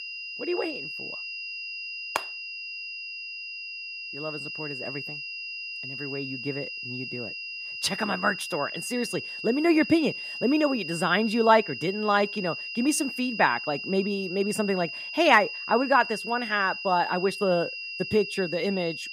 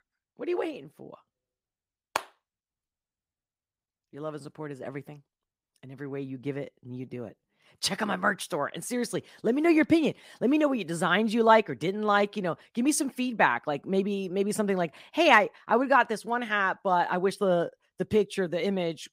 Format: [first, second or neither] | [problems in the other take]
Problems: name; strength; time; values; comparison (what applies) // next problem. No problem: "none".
second | high-pitched whine; loud; throughout; 3 kHz, 8 dB below the speech